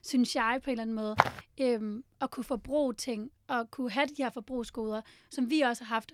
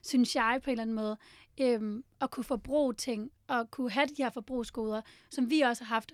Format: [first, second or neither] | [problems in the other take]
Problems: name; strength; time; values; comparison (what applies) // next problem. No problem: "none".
second | footsteps; loud; at 1 s; peak 3 dB above the speech